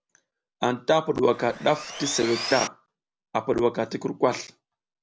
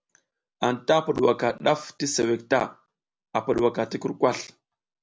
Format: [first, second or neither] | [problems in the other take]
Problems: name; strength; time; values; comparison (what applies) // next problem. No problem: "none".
second | background sound (Sawing); 8 dB below the speech